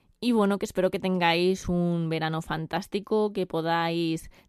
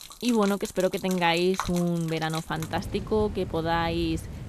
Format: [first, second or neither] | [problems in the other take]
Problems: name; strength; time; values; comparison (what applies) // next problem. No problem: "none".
first | rain or running water; noticeable; throughout; 10 dB below the speech